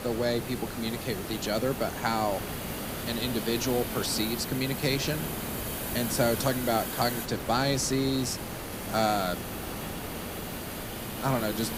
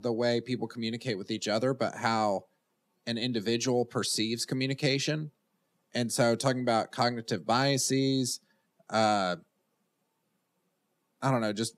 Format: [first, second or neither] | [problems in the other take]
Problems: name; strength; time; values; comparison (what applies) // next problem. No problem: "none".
second | hiss; loud; throughout; 5 dB below the speech